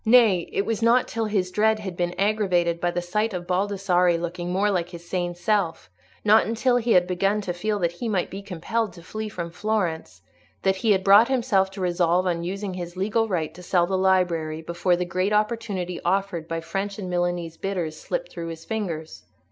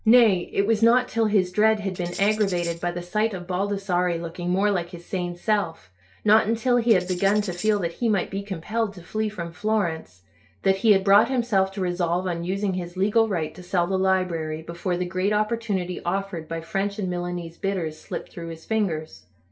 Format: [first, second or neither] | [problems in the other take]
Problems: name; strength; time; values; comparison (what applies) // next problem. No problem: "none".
first | background sound (Tambourine); 17 dB below the speech // room echo; dies away in 0.2 s